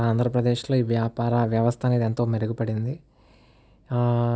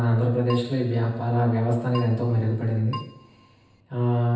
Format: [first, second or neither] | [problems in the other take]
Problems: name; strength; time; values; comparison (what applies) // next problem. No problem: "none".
first | background sound (Keyboard (musical)); 18 dB below the speech // room echo; dies away in 0.9 s